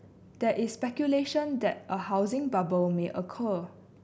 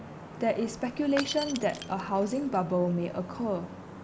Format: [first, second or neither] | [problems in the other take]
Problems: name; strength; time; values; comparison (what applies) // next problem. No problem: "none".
first | background sound (Traffic noise, roadway noise / Vehicle horn, car horn, honking + Shatter / Crushing); 11 dB below the speech